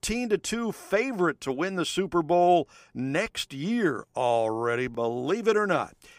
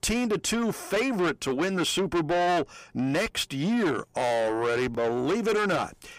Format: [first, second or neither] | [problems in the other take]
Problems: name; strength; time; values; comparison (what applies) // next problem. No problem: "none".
first | distortion; heavy; 6 dB below the speech